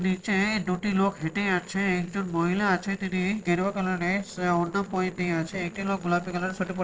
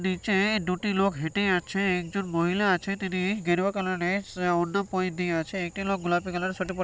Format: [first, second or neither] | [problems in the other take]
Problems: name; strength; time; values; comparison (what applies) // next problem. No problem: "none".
second | noise reduction (neural separator model SepFormer DNS4)